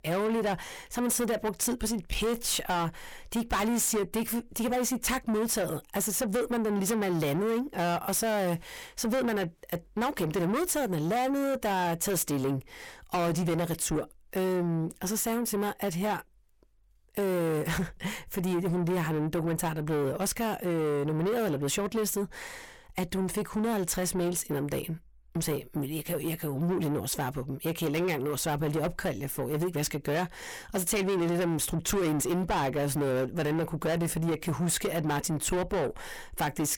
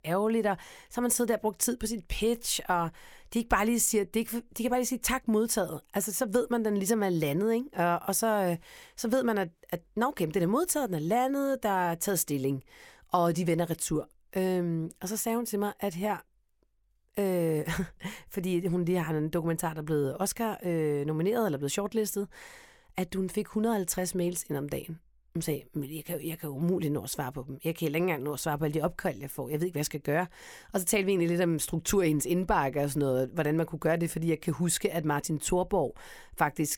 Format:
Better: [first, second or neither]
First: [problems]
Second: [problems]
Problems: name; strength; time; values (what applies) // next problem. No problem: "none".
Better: second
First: distortion; heavy; 8 dB below the speech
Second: none